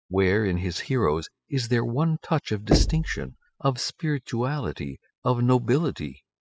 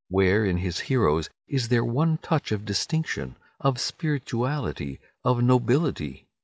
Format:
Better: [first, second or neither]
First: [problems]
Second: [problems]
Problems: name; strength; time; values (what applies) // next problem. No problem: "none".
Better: second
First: noise reduction (classical method spectral subtraction)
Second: none